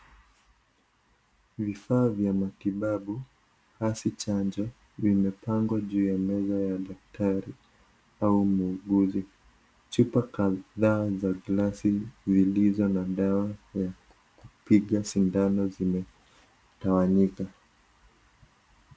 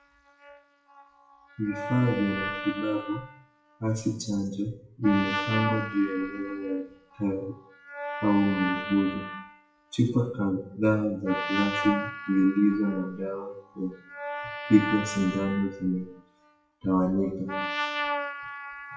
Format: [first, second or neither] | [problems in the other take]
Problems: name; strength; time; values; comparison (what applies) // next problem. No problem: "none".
first | noise reduction (classical method WPE with log-MMSE)